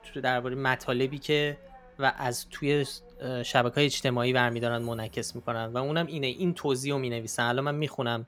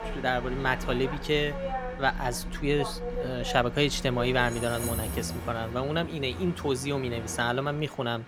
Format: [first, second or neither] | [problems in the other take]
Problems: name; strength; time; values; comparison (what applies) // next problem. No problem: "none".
first | train or aircraft noise; loud; throughout; 8 dB below the speech; faint in the first